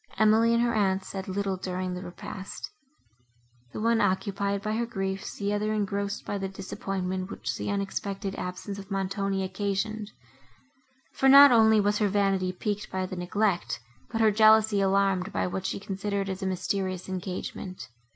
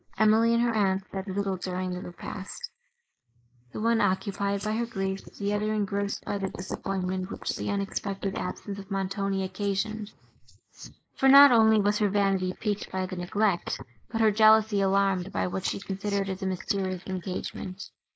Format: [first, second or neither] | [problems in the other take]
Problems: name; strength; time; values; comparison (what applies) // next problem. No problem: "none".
first | noise reduction (neural mask model Resemble Enhance denoiser)